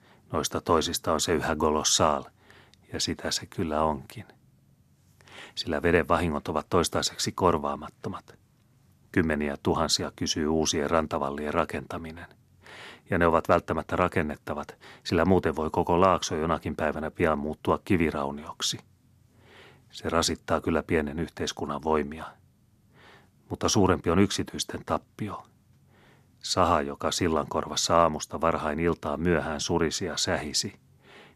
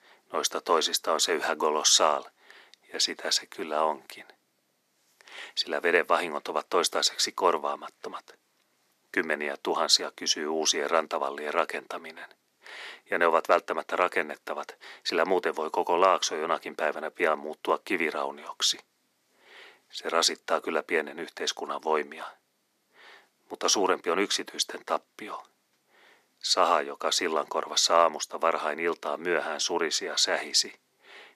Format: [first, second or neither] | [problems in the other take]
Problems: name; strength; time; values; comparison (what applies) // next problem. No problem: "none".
first | thin; somewhat; fading below 400 Hz